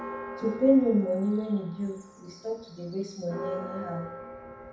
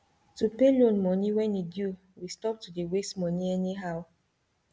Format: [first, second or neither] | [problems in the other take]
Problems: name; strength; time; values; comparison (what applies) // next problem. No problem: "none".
second | background sound (Church bell); 13 dB below the speech // room echo; dies away in 0.6 s